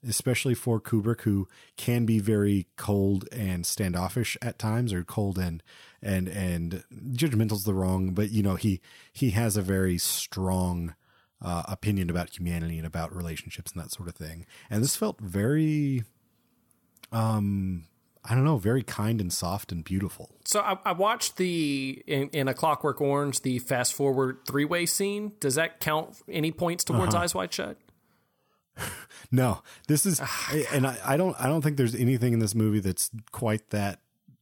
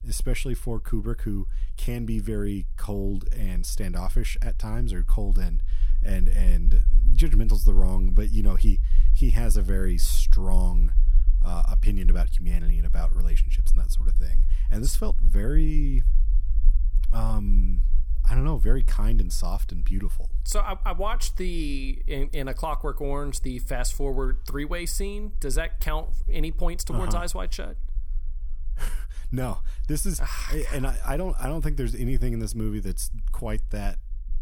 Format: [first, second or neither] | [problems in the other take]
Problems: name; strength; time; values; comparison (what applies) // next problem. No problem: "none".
first | low rumble; noticeable; throughout; 20 dB below the speech